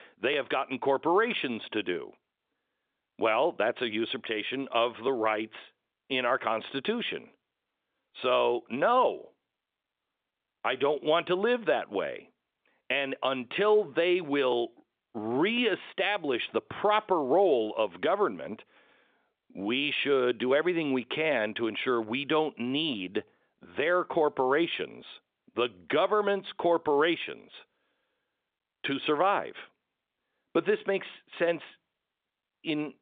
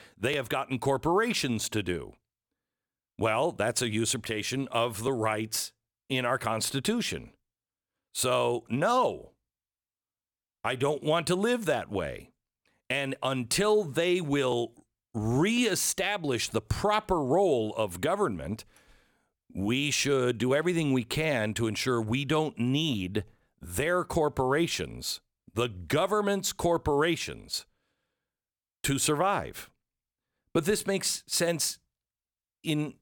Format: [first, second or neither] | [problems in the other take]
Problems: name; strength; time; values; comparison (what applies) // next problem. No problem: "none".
second | phone-call audio; nothing above 3.5 kHz